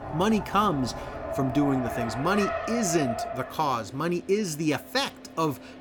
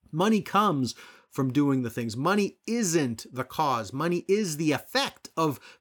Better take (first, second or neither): second